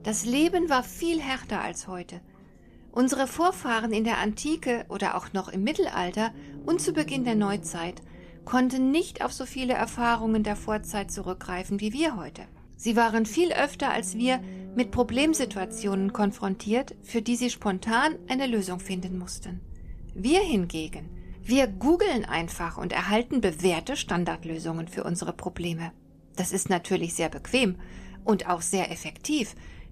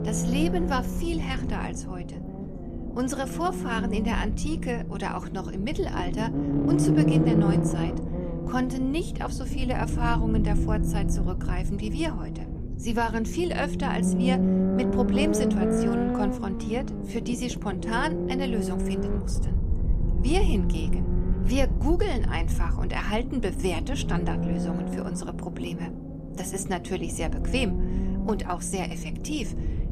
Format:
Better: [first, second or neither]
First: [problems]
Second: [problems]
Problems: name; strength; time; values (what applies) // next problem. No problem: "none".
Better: first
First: low rumble; faint; throughout; 25 dB below the speech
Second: low rumble; loud; throughout; 3 dB below the speech